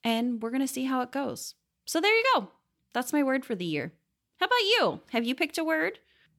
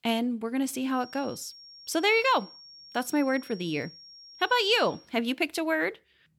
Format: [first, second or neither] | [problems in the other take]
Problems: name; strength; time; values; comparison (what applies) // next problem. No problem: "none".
first | high-pitched whine; noticeable; from 1 to 5 s; 5.5 kHz, 20 dB below the speech